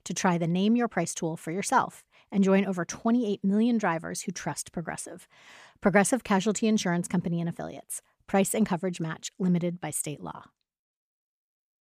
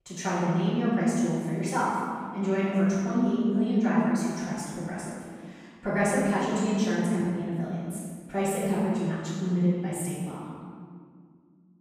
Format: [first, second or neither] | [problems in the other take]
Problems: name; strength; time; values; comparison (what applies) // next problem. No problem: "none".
first | room echo; strong; dies away in 1.8 s // off-mic speech; far